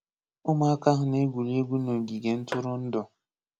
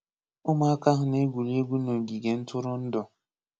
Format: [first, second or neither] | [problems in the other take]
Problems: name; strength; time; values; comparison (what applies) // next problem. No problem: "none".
second | background sound (Tap / Hammer); 14 dB below the speech